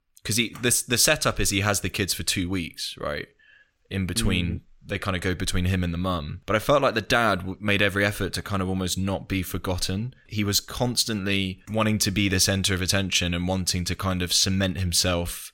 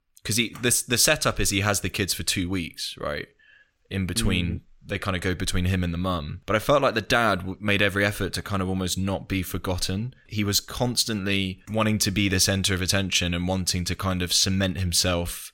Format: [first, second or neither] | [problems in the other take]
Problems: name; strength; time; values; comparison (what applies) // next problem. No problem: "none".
neither | none